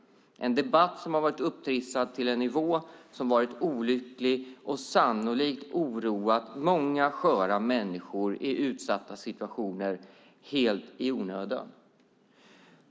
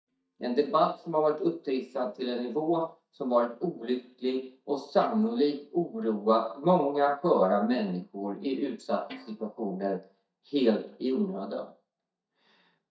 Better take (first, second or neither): first